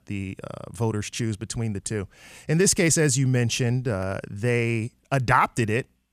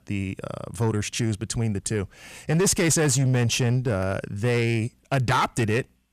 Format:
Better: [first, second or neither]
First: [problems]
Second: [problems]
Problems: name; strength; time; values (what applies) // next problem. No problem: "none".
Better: first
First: none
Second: distortion; slight; 10 dB below the speech